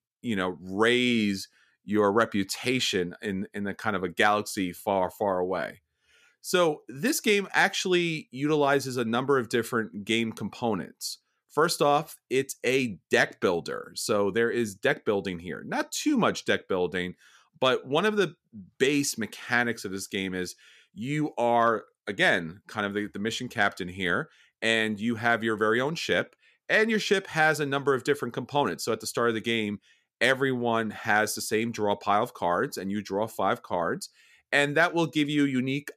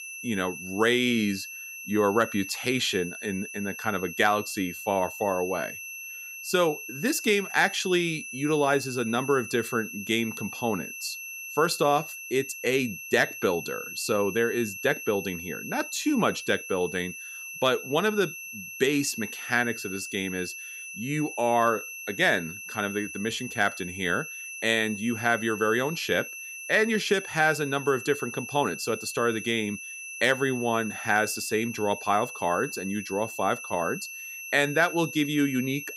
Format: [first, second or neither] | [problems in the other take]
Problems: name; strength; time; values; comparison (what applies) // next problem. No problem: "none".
first | high-pitched whine; loud; throughout; 2.5 kHz, 10 dB below the speech